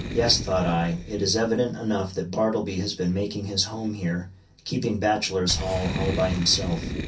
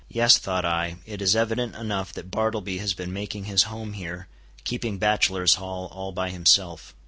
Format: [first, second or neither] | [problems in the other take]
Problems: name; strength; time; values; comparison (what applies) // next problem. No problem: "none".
second | background sound (Boom); 9 dB below the speech // room echo; dies away in 0.3 s